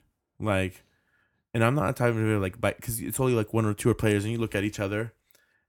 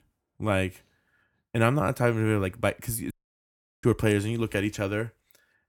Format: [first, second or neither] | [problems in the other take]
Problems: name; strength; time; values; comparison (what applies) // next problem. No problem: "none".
first | audio cutting out; at 3 s for 0.5 s